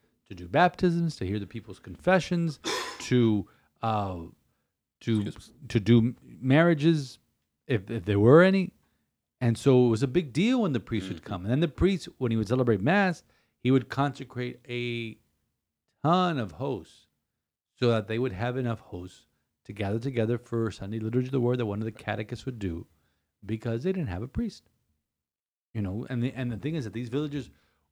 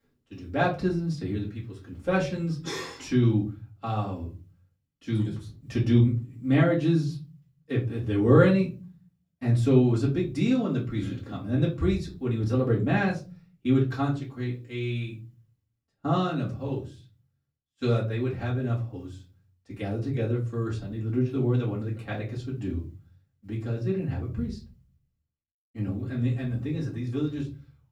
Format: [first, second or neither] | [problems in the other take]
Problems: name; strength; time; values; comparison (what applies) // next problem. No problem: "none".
first | off-mic speech; far // room echo; very slight; dies away in 0.4 s